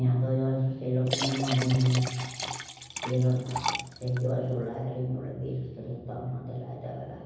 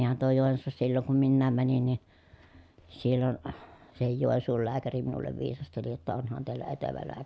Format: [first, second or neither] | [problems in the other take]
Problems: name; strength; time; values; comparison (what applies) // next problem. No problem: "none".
second | background sound (Liquid); 6 dB below the speech // room echo; dies away in 1.1 s